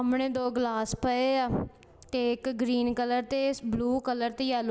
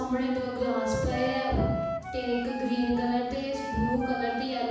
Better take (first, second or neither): first